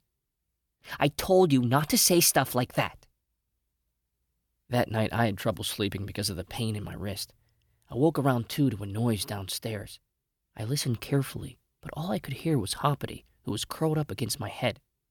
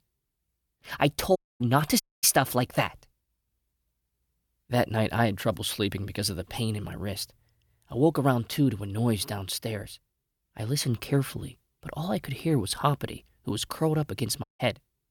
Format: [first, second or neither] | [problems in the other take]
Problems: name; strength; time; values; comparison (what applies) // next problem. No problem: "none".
first | audio cutting out; at 1.5 s, at 2 s and at 14 s